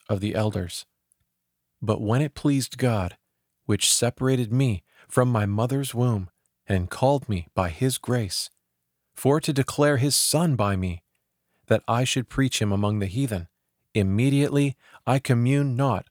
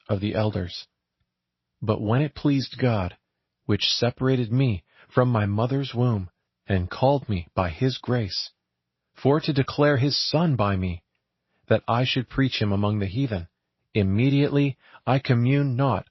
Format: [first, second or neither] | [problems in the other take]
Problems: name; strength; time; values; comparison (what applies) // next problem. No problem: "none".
first | garbled, watery; slightly; nothing above 5.5 kHz